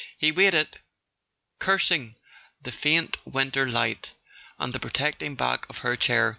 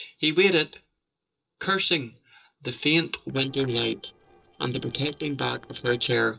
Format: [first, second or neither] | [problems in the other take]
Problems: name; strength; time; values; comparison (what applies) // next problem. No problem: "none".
first | noise reduction (neural separator model SepFormer DNS4)